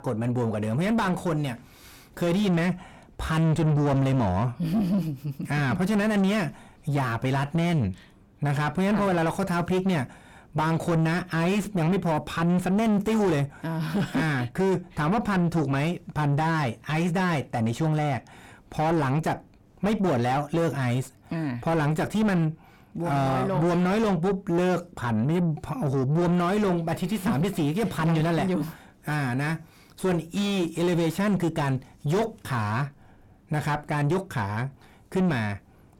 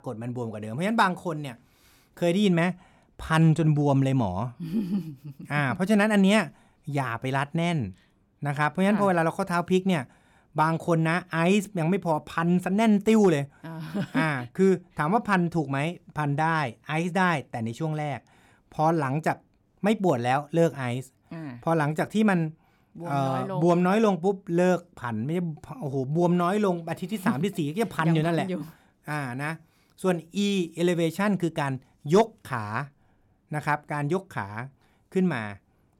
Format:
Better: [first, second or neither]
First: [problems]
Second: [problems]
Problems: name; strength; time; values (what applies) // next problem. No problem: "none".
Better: second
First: distortion; heavy; 5 dB below the speech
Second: none